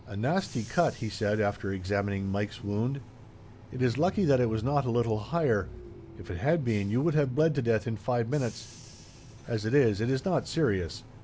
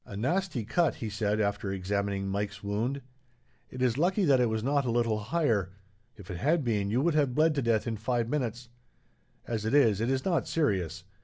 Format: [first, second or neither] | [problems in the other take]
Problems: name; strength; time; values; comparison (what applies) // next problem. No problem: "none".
second | background sound (Bus / Engine); 17 dB below the speech